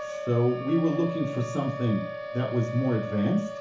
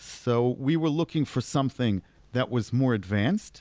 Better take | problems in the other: second | background sound (Siren); 8 dB below the speech // room echo; dies away in 0.7 s

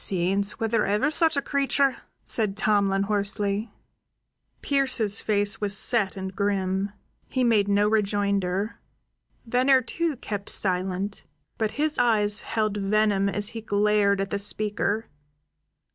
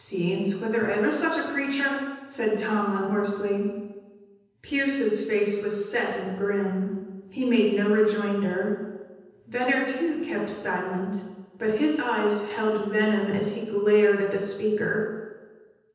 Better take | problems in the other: first | room echo; dies away in 1.1 s

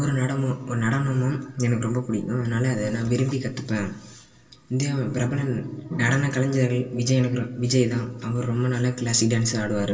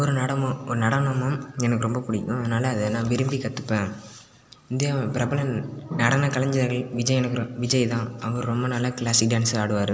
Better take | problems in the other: second | room echo; dies away in 0.2 s

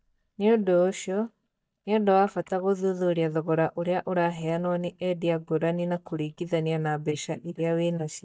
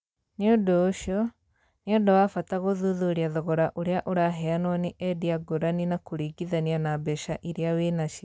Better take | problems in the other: second | noise reduction (neural mask model DeepFilterNet 3)

